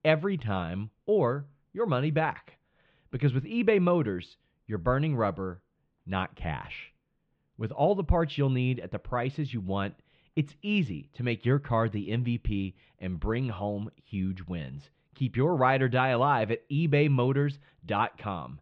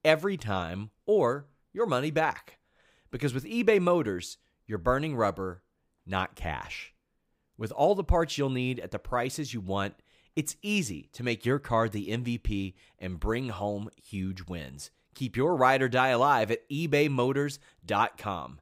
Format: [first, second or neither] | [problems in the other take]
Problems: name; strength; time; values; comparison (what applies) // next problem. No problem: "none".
second | muffled; slightly; fading above 3 kHz